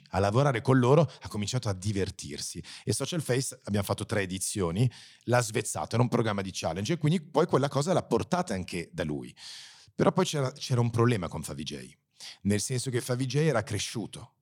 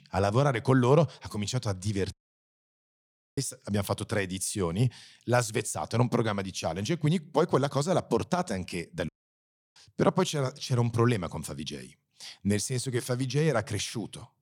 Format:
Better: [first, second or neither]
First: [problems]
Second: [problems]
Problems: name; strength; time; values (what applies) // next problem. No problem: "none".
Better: first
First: none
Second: audio cutting out; at 2 s for 1 s and at 9 s for 0.5 s